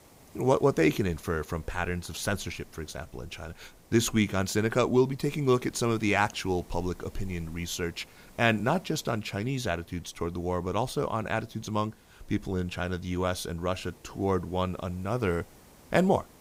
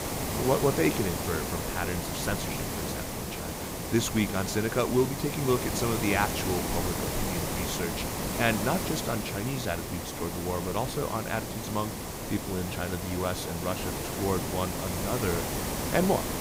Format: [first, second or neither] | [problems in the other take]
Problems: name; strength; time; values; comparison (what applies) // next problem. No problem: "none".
first | hiss; loud; throughout; 2 dB below the speech; faint in the first